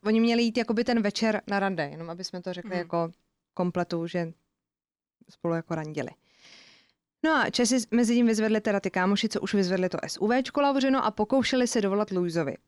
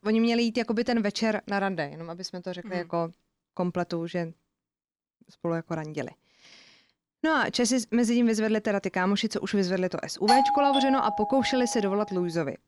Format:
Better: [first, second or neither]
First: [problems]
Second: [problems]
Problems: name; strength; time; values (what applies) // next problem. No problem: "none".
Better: first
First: none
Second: doorbell; loud; from 10 to 12 s; peak 5 dB above the speech